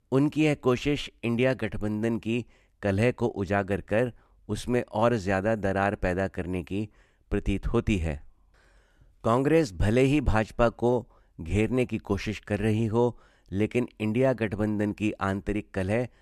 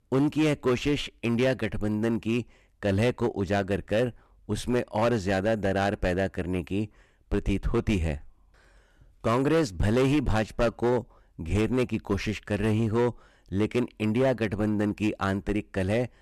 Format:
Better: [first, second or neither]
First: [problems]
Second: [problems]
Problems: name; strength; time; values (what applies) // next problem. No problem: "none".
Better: first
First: none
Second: distortion; slight; 7% of the sound clipped